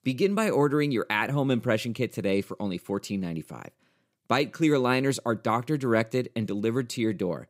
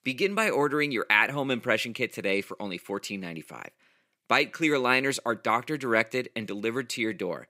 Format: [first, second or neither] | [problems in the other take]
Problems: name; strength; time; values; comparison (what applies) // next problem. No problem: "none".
first | thin; very slightly; fading below 450 Hz